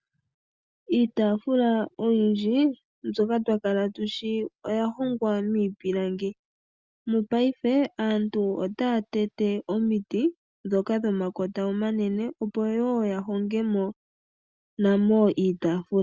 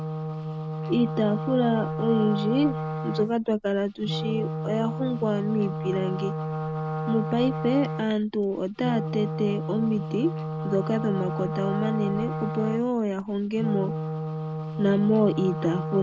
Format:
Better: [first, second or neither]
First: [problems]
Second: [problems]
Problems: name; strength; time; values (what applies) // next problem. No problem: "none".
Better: first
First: none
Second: background sound (Wind instrument, woodwind instrument); 4 dB below the speech